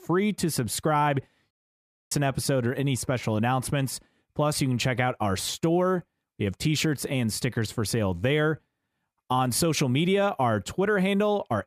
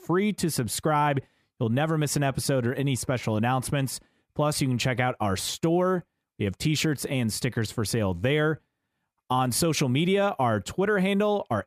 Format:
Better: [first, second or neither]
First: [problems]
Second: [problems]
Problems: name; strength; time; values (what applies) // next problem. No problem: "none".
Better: second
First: audio cutting out; at 1.5 s for 0.5 s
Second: none